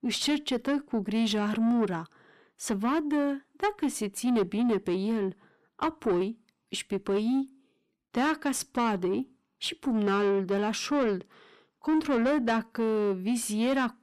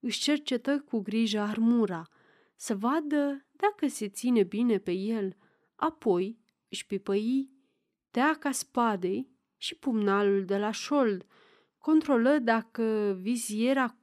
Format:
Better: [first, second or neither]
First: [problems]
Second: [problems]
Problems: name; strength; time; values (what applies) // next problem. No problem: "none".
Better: second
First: distortion; slight; 10 dB below the speech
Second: none